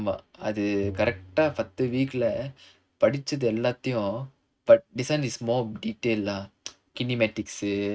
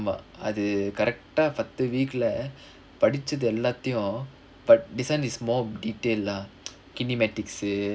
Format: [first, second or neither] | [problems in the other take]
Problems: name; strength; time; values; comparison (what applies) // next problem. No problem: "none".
second | noise reduction (neural mask model RNNoise)